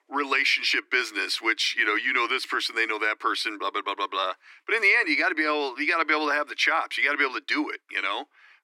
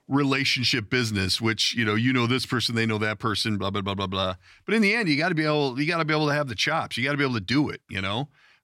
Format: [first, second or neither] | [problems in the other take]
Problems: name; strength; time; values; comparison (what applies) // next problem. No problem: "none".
second | thin; very; fading below 300 Hz